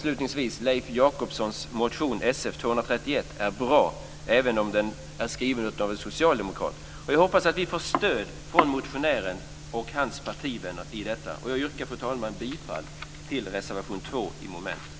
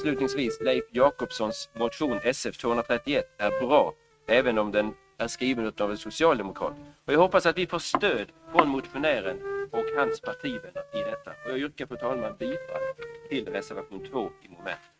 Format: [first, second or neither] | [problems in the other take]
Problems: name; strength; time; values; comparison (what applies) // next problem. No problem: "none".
first | noise reduction (neural mask model RNNoise)